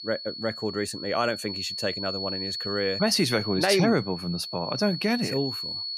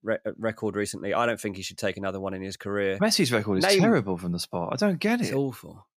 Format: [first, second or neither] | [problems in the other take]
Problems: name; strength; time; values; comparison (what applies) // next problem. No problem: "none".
second | high-pitched whine; loud; throughout; 4.5 kHz, 5 dB below the speech